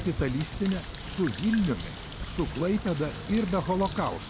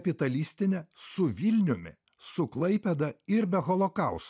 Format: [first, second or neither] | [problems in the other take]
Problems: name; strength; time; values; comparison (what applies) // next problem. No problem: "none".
second | background sound (Bird); 8 dB below the speech